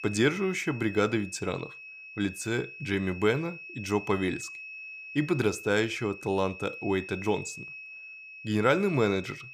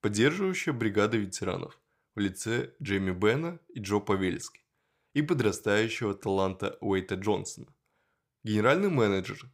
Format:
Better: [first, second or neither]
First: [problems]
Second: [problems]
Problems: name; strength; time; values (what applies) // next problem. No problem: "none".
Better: second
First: high-pitched whine; noticeable; throughout; 2.5 kHz, 10 dB below the speech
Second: none